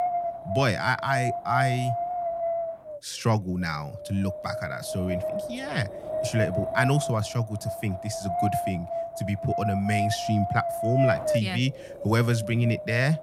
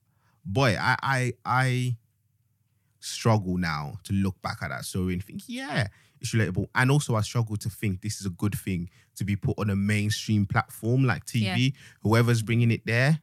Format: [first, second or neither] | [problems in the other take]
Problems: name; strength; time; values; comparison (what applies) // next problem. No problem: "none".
second | wind noise on the microphone; heavy; as loud as the speech